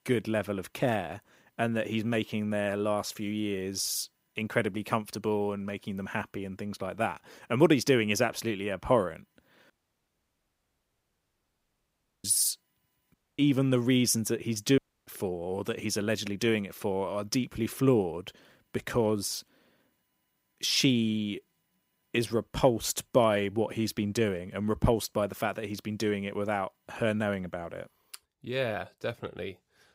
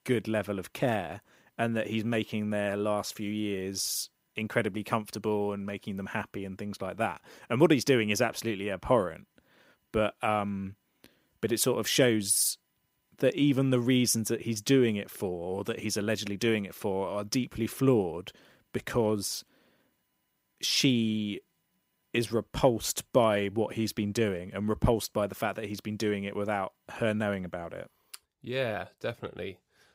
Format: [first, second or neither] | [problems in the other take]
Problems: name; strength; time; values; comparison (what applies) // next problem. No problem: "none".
second | audio cutting out; at 9.5 s for 2.5 s, at 13 s and at 15 s